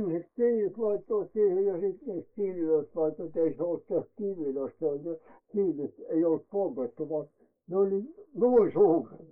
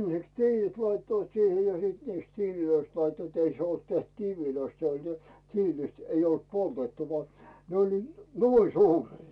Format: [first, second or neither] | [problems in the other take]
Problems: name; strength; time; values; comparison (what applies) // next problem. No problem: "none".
second | noise reduction (neural mask model Resemble Enhance denoiser)